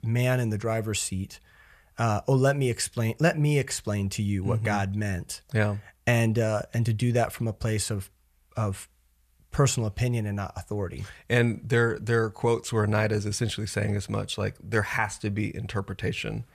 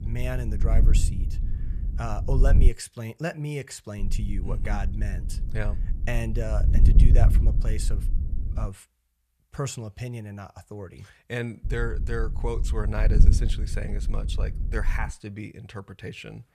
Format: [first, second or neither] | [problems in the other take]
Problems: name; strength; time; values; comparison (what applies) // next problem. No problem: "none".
first | wind noise on the microphone; heavy; until 2.5 s, from 4 to 8.5 s and from 12 to 15 s; 8 dB below the speech